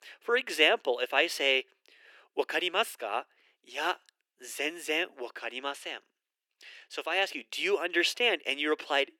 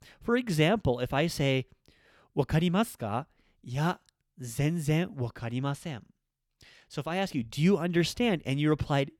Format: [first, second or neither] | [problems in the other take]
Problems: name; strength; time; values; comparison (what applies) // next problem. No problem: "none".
second | thin; very; fading below 350 Hz